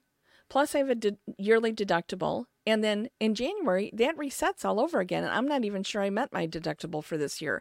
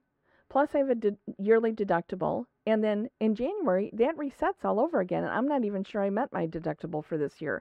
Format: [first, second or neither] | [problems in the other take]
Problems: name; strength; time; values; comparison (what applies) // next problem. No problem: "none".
first | muffled; very; fading above 3 kHz